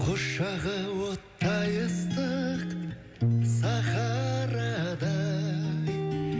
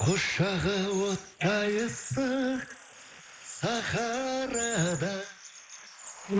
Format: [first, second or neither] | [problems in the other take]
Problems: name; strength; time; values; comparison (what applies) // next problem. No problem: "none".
first | noise reduction (neural mask model Resemble Enhance denoiser)